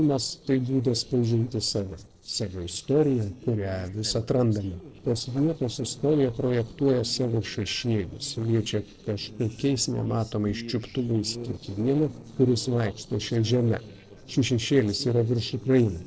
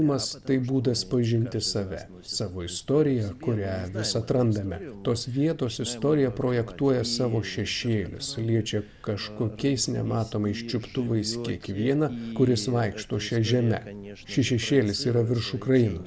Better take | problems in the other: second | noise reduction (neural separator model SepFormer DNS4)

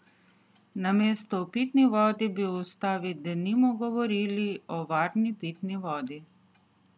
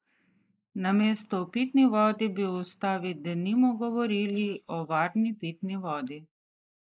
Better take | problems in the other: first | noise reduction (neural mask model Resemble Enhance denoiser)

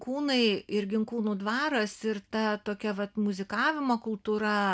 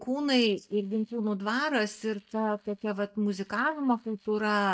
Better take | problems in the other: first | noise reduction (neural mask model DeepFilterNet 3)

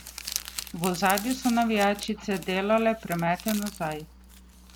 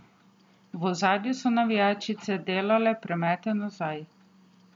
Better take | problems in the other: second | background sound (Crumpling, crinkling); 12 dB below the speech

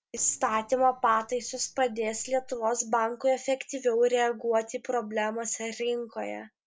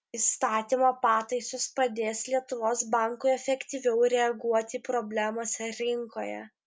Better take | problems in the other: second | noise reduction (neural separator model SepFormer DNS4)

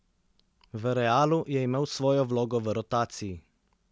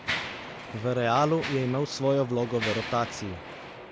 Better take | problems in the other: first | background sound (Mechanisms); 9 dB below the speech

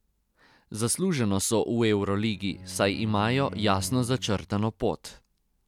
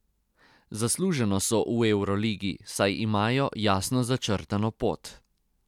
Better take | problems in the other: second | background sound (Bowed string instrument); 16 dB below the speech

